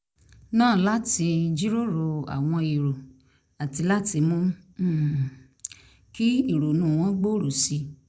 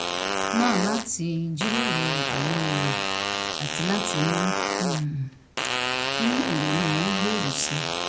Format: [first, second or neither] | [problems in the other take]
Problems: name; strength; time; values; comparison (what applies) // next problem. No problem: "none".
first | background sound (Fart); 1 dB above the speech